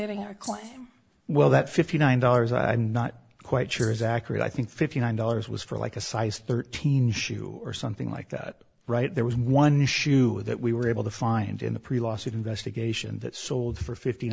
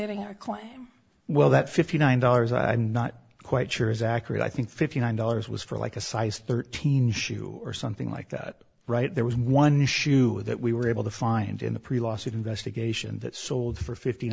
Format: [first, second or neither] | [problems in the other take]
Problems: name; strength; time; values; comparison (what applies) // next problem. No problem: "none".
second | background sound (Rattle (instrument)); 19 dB below the speech